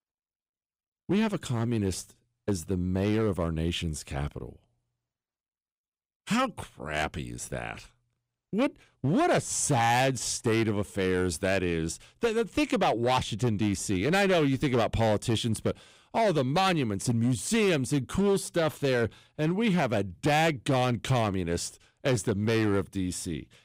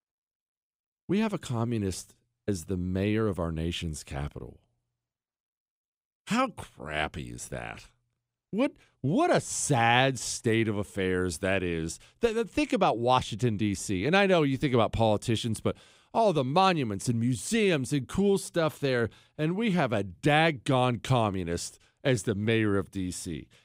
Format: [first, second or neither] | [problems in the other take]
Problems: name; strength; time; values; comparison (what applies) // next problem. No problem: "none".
second | distortion; slight; 7% of the sound clipped